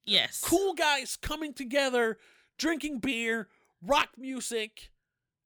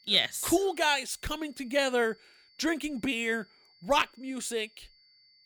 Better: first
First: none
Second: high-pitched whine; faint; throughout; 4.5 kHz, 30 dB below the speech

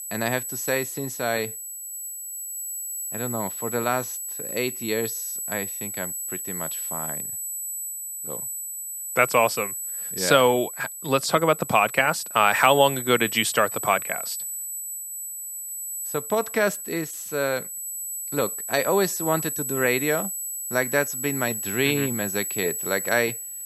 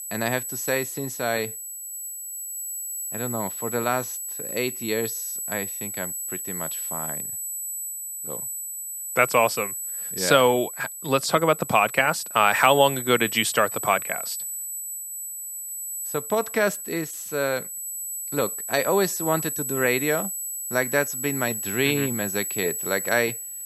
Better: neither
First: high-pitched whine; loud; throughout; 8 kHz, 5 dB below the speech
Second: high-pitched whine; loud; throughout; 8 kHz, 5 dB below the speech

